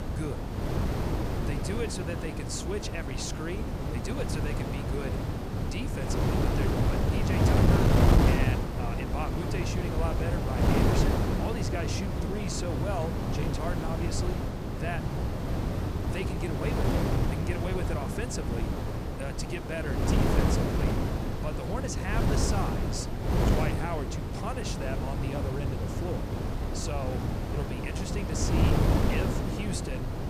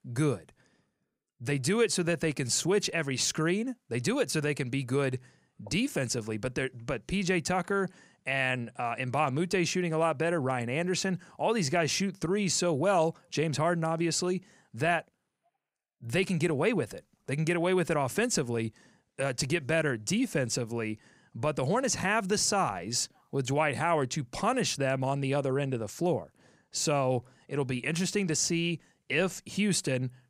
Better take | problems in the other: second | wind noise on the microphone; heavy; 3 dB above the speech

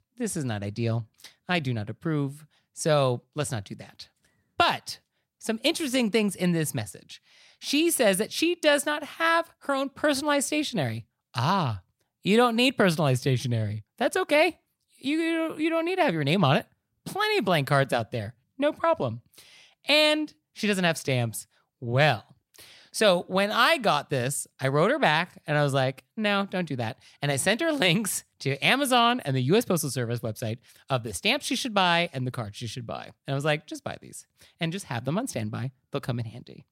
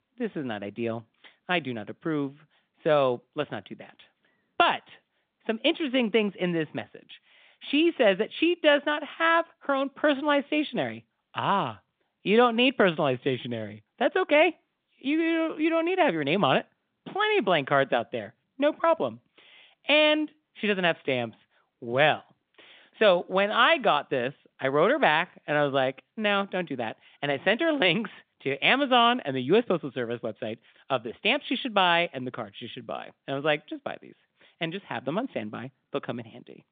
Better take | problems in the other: first | phone-call audio; nothing above 3.5 kHz

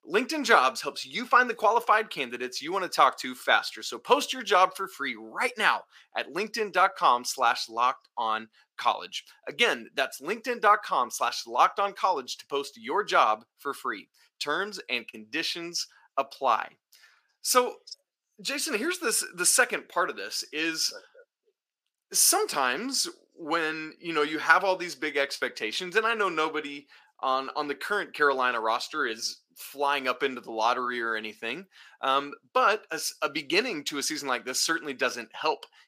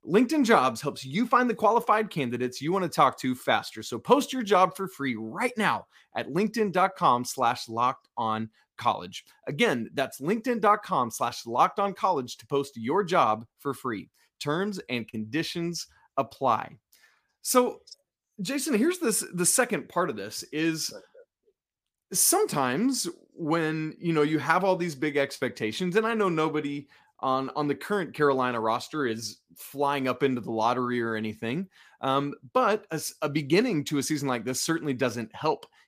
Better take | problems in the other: second | thin; somewhat; fading below 450 Hz

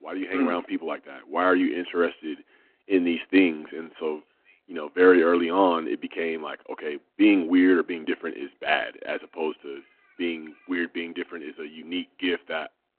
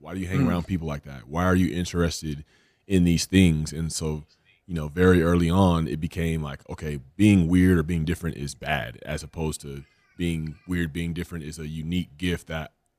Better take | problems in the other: second | phone-call audio

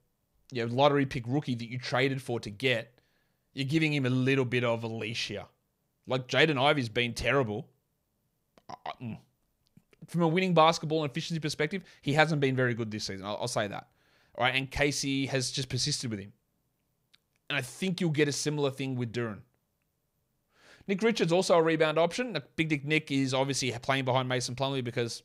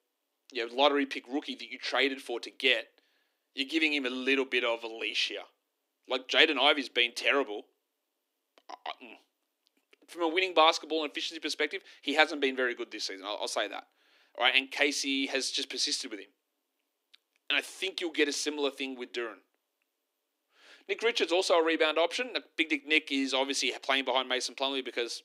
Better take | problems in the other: first | thin; very slightly; fading below 250 Hz

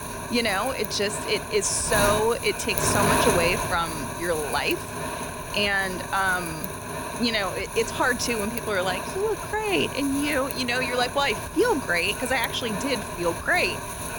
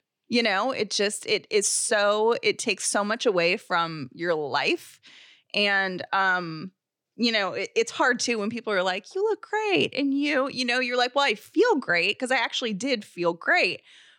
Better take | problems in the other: second | wind noise on the microphone; heavy; 5 dB below the speech

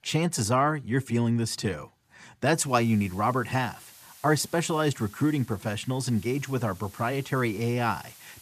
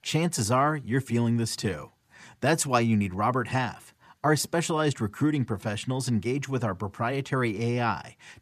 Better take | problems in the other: second | hiss; faint; from 2.5 s on; 20 dB below the speech

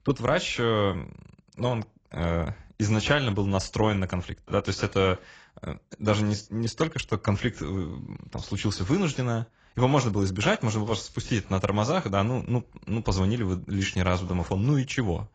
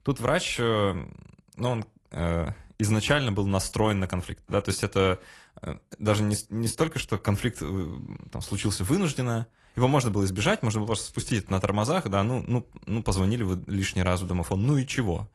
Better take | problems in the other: second | garbled, watery; badly; nothing above 7.5 kHz; slightly in the second

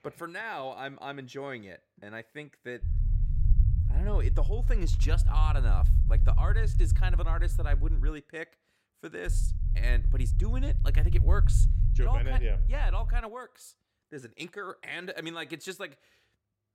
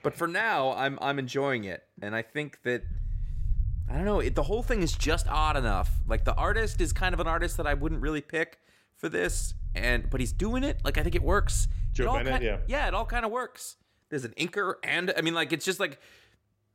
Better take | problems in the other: second | low rumble; loud; from 3 to 8 s and from 9.5 to 13 s; 9 dB below the speech; faint in the second

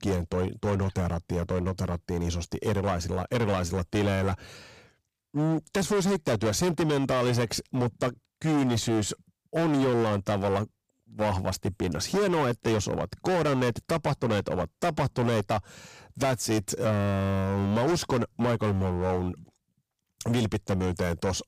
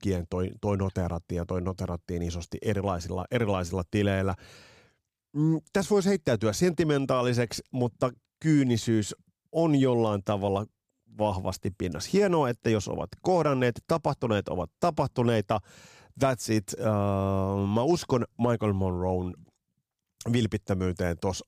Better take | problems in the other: second | distortion; heavy; 17% of the sound clipped

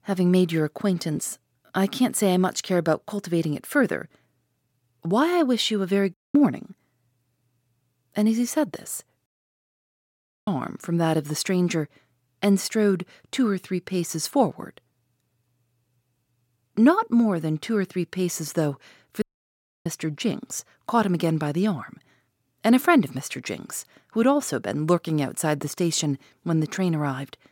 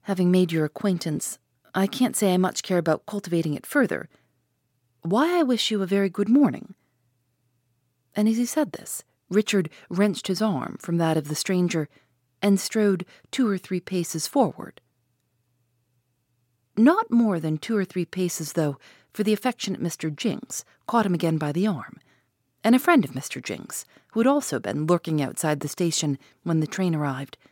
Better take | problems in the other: second | audio cutting out; at 6 s, at 9.5 s for 1 s and at 19 s for 0.5 s

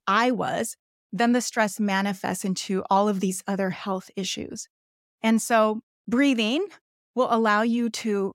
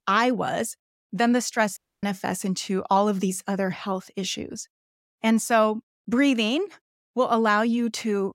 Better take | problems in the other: first | audio cutting out; at 2 s

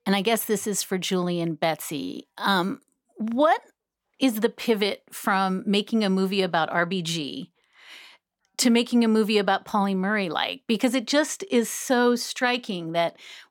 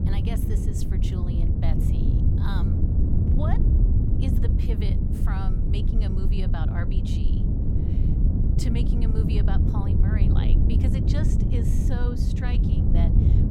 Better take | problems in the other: first | wind noise on the microphone; heavy; 3 dB above the speech

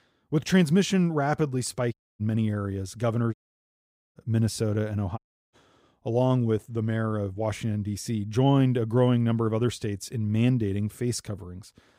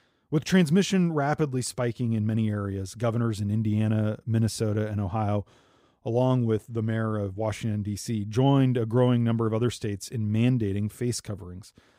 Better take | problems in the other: second | audio cutting out; at 2 s, at 3.5 s for 1 s and at 5 s

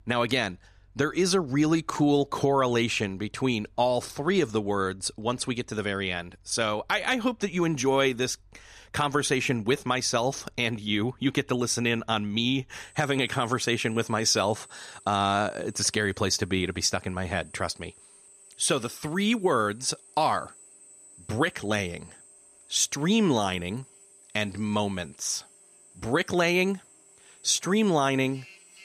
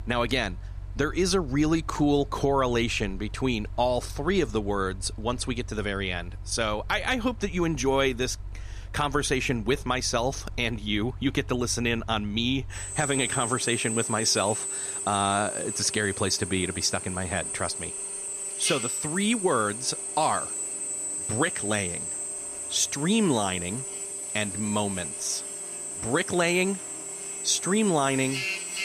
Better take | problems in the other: first | machinery noise; loud; throughout; 6 dB below the speech; faint in the first

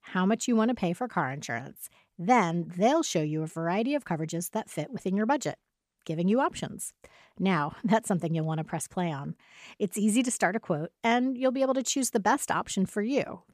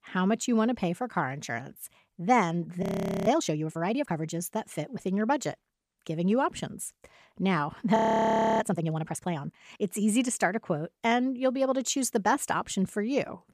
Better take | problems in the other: first | audio freezing; at 3 s and at 8 s for 0.5 s

